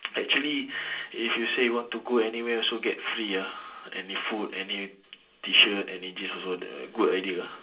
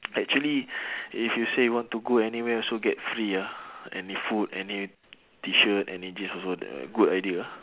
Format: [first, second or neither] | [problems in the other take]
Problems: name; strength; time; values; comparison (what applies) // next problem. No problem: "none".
second | room echo; dies away in 0.2 s